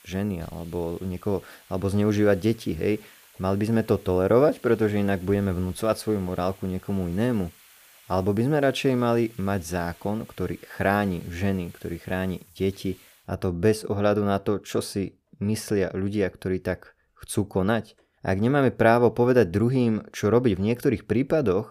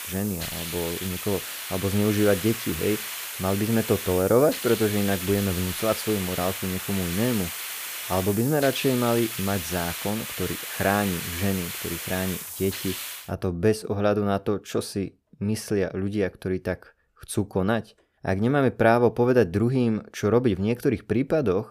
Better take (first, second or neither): first